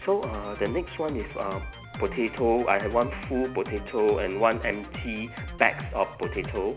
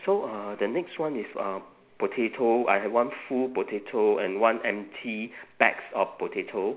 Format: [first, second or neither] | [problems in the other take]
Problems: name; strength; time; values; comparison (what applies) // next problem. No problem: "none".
second | background sound (Drum kit); 10 dB below the speech